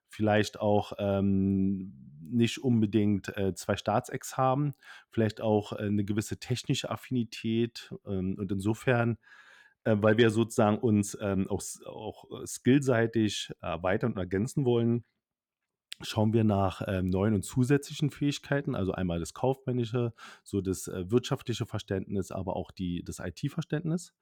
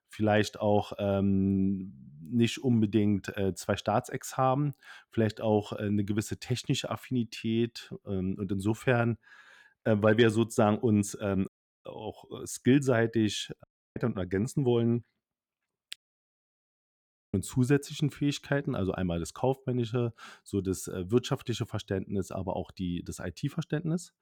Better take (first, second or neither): first